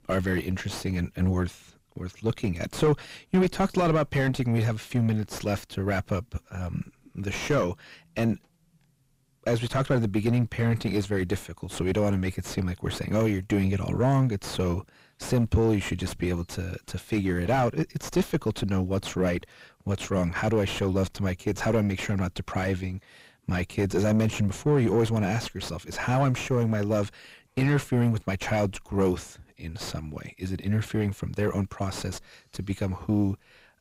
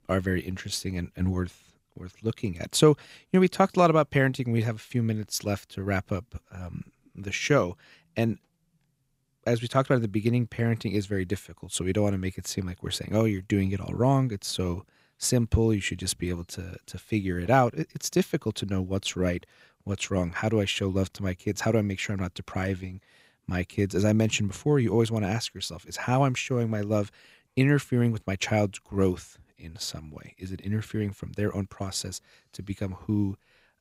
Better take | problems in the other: second | distortion; heavy; 4 dB below the speech

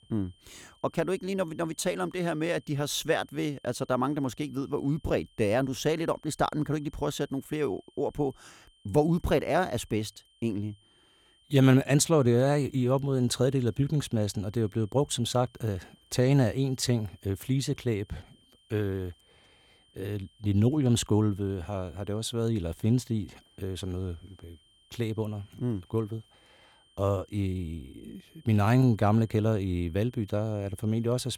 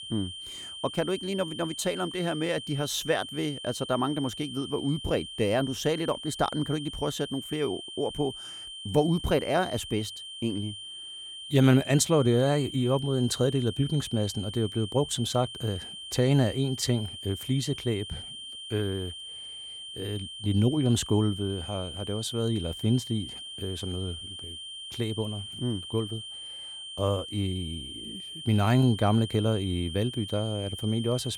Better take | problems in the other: first | high-pitched whine; loud; throughout; 3 kHz, 10 dB below the speech; faint in the first

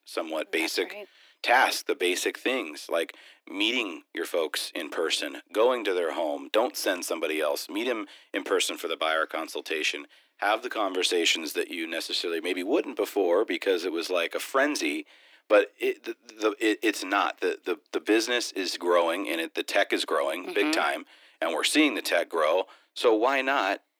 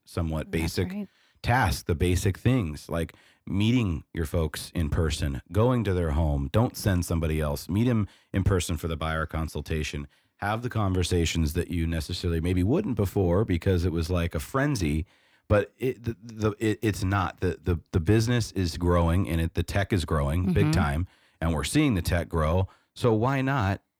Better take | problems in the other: second | thin; very; fading below 300 Hz

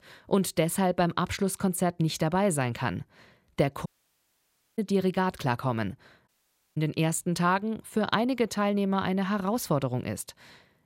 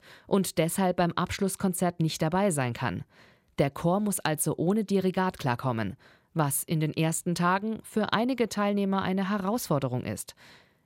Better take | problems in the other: second | audio cutting out; at 4 s for 1 s and at 6.5 s

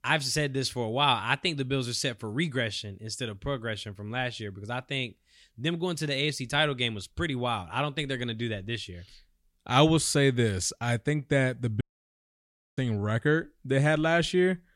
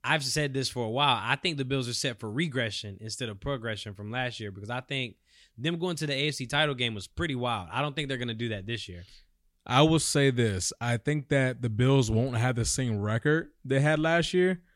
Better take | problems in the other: second | audio cutting out; at 12 s for 1 s

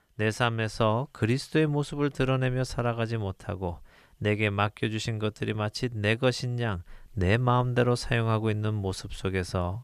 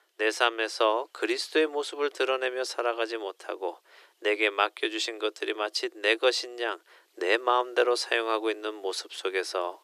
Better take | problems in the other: first | thin; very; fading below 350 Hz

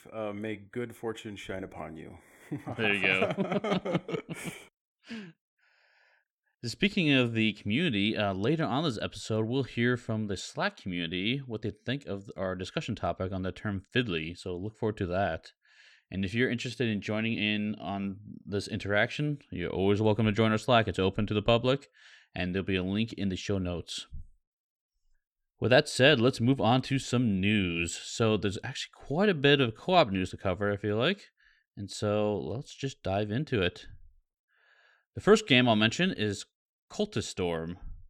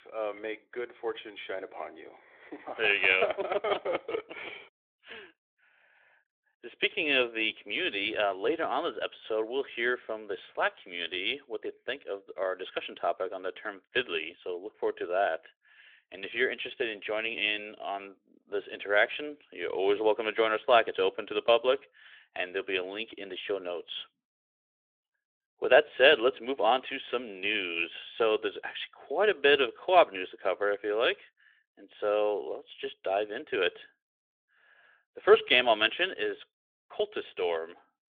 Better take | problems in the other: first | phone-call audio; nothing above 3.5 kHz

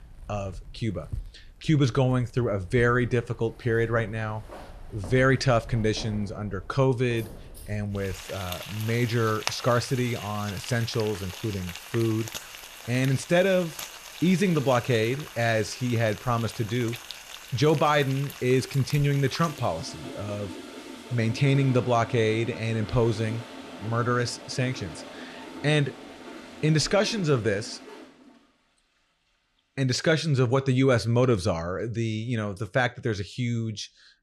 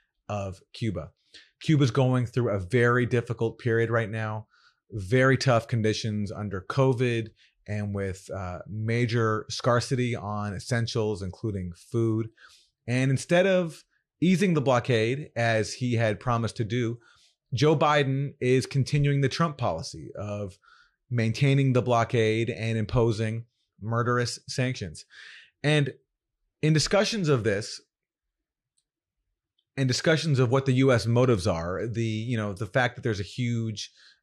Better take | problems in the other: second | household noises; noticeable; throughout; 15 dB below the speech

